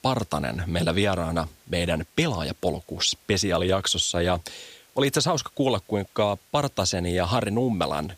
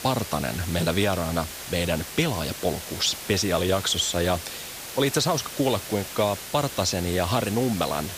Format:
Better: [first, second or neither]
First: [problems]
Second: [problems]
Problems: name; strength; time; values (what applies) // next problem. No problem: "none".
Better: first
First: hiss; faint; throughout; 30 dB below the speech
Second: hiss; loud; throughout; 9 dB below the speech